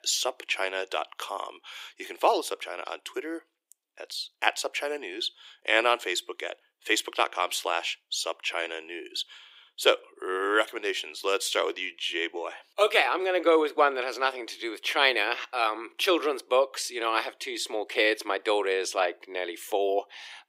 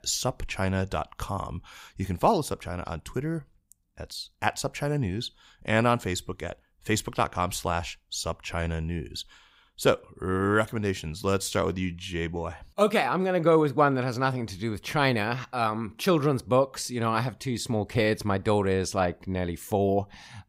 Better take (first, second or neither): second